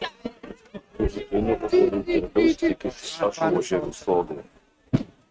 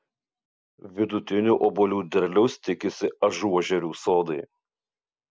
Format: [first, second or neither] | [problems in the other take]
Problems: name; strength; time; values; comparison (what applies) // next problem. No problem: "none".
second | noise reduction (neural mask model RNNoise)